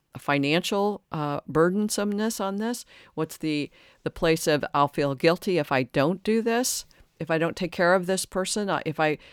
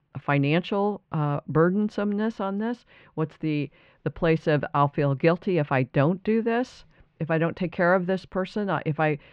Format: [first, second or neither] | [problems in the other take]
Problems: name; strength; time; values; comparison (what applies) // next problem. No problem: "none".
first | muffled; very; fading above 2.5 kHz